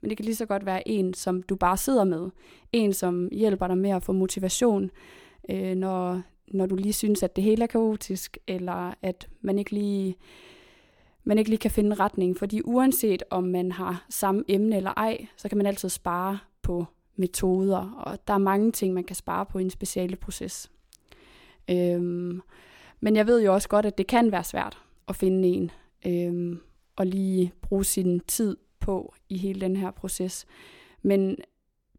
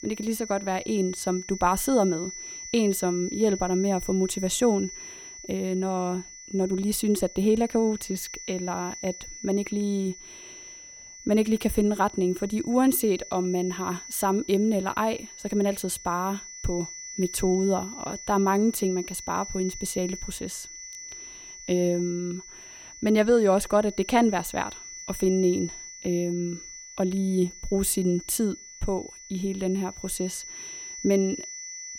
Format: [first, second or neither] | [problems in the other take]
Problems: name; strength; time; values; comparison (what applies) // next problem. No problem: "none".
first | high-pitched whine; noticeable; throughout; 6 kHz, 10 dB below the speech